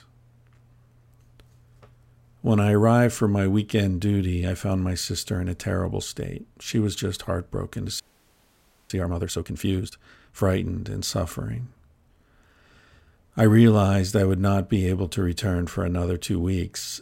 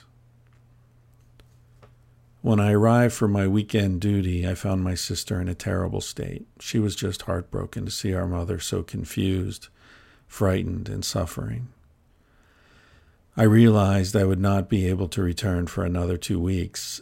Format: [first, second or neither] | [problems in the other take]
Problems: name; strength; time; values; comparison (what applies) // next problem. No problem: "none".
second | audio freezing; at 8 s for 1 s